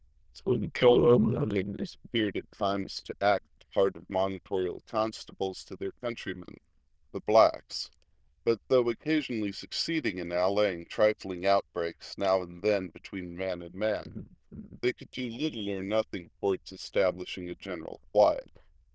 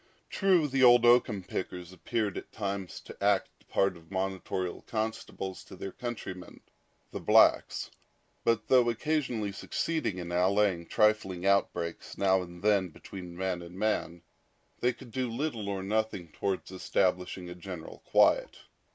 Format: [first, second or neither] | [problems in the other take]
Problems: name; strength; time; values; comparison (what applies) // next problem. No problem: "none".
second | noise reduction (neural diffusion model UNIVERSE++)